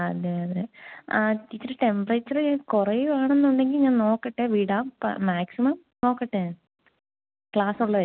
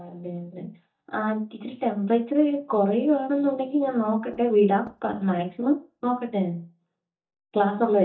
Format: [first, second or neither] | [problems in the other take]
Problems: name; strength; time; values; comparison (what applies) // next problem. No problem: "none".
first | noise reduction (neural mask model DeepFilterNet 3)